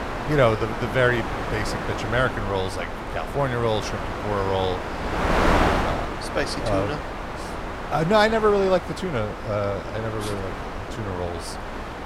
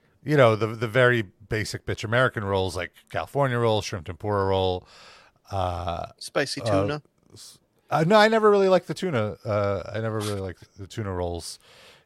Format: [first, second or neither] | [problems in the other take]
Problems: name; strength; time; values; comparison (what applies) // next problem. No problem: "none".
second | wind noise on the microphone; heavy; 3 dB below the speech